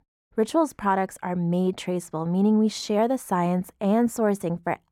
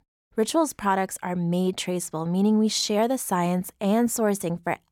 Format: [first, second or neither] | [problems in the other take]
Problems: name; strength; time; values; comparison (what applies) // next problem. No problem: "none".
second | muffled; slightly; fading above 2.5 kHz